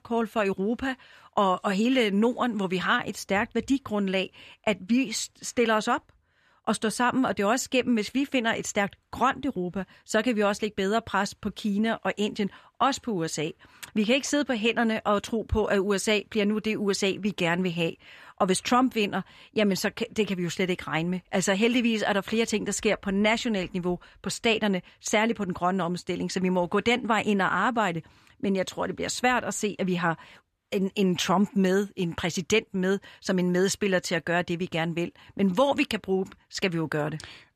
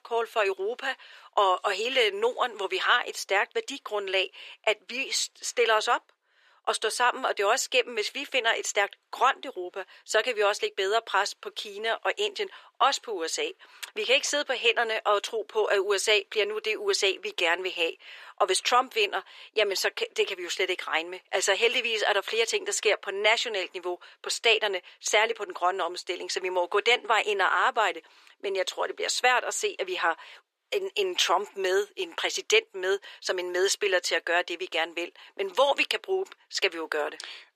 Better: first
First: none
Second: thin; very; fading below 400 Hz

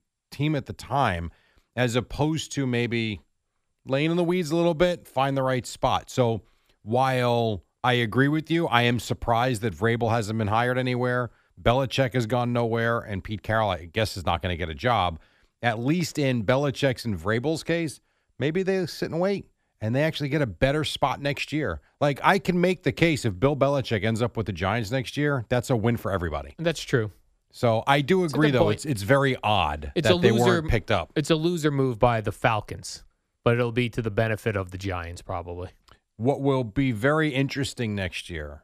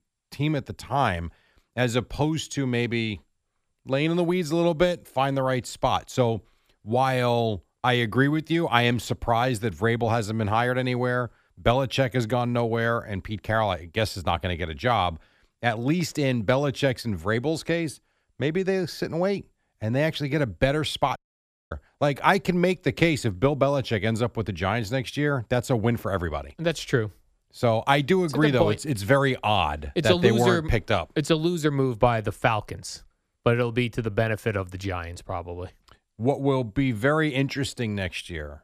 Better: first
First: none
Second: audio cutting out; at 21 s for 0.5 s

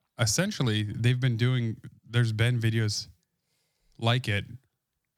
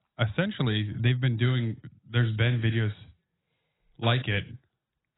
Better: first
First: none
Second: garbled, watery; badly; nothing above 4 kHz

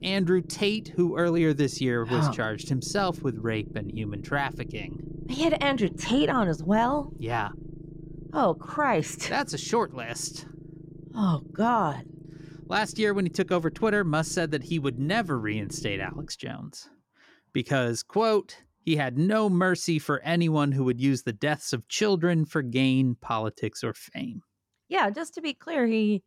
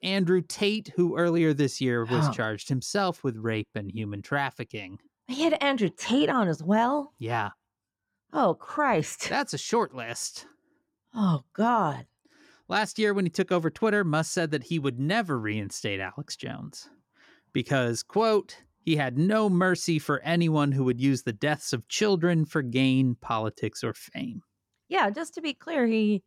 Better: second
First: low rumble; faint; until 16 s; 20 dB below the speech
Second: none

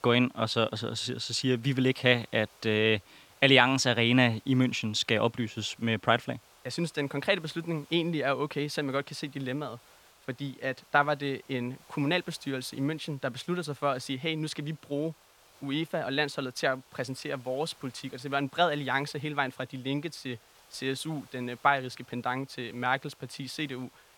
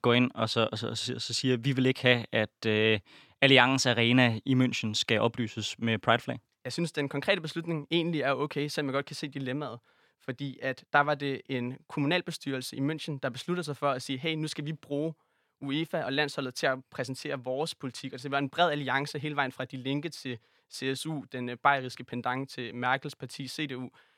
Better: second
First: hiss; faint; throughout; 30 dB below the speech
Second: none

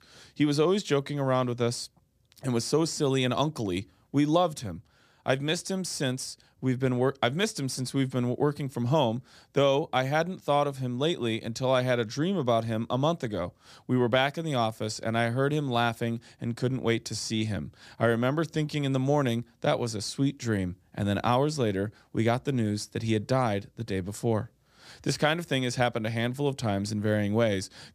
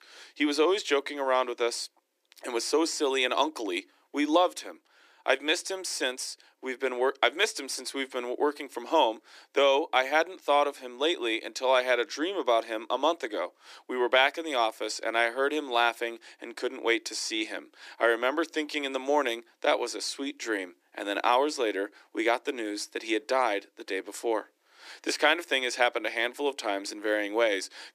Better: first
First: none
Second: thin; somewhat; fading below 300 Hz

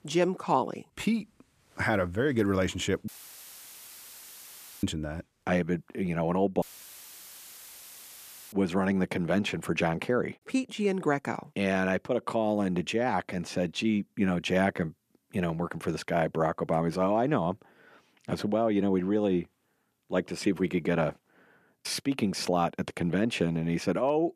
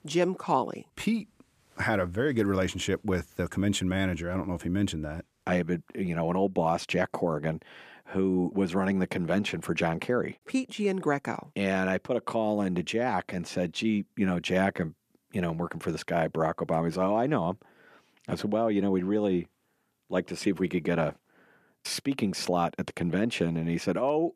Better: second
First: audio cutting out; filled with static; at 3 s for 2 s and at 6.5 s for 2 s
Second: none

